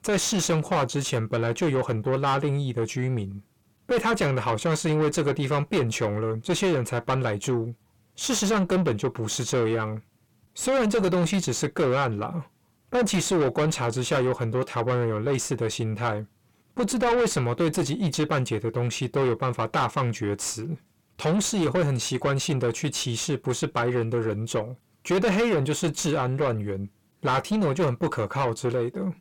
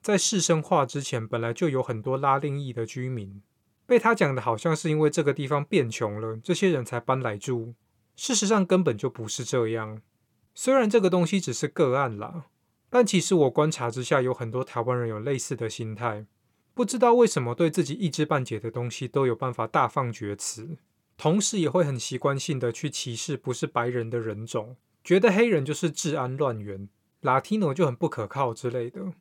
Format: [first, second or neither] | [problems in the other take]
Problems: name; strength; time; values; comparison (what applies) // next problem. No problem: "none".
second | distortion; heavy; 6 dB below the speech